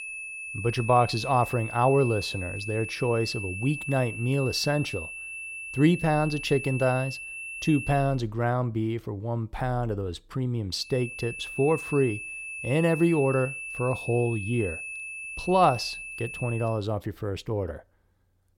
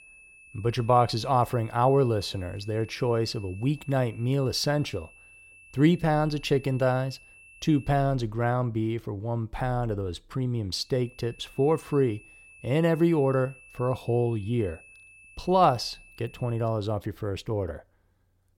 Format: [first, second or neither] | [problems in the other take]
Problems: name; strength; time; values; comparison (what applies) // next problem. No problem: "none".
second | high-pitched whine; loud; until 8 s and from 11 to 17 s; 2.5 kHz, 8 dB below the speech; faint in the second